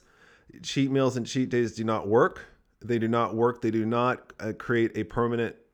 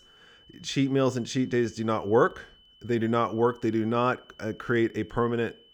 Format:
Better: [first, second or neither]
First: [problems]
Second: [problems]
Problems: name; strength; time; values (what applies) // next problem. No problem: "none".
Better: first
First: none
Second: high-pitched whine; faint; throughout; 3 kHz, 30 dB below the speech